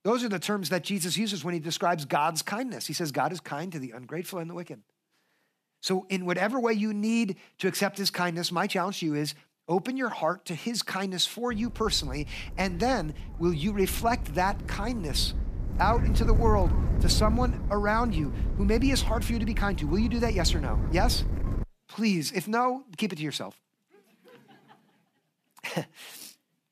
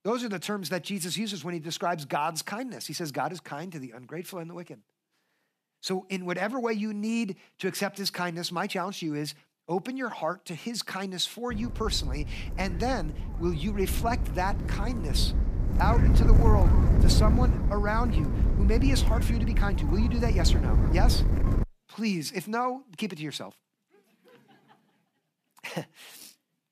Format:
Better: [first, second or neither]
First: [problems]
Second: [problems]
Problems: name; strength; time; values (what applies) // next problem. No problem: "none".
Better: first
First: wind noise on the microphone; occasional gusts; from 12 to 22 s; 15 dB below the speech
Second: wind noise on the microphone; heavy; from 12 to 22 s; 6 dB below the speech